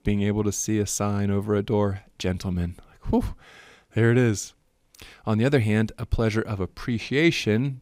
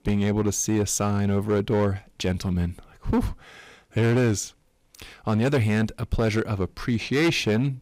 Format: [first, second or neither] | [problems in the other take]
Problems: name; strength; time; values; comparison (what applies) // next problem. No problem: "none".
first | distortion; slight; 8% of the sound clipped